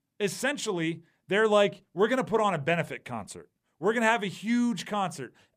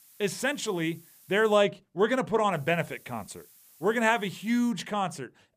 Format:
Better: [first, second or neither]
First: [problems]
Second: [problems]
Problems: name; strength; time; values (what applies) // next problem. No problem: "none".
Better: first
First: none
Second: hiss; faint; until 1.5 s and from 2.5 to 4.5 s; 25 dB below the speech